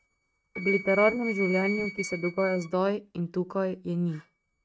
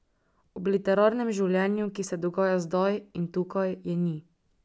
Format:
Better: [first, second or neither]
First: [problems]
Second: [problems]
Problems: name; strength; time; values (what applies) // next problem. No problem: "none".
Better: second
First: noise reduction (neural mask model RNNoise)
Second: none